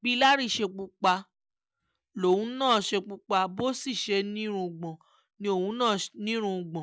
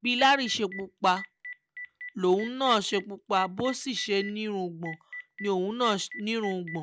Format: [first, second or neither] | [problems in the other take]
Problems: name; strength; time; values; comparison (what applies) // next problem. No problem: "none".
first | background sound (Telephone); 15 dB below the speech